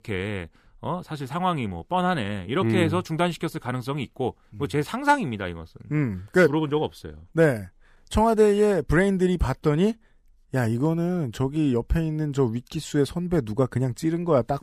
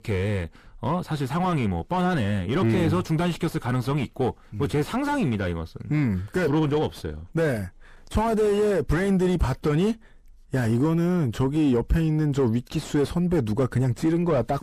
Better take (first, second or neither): first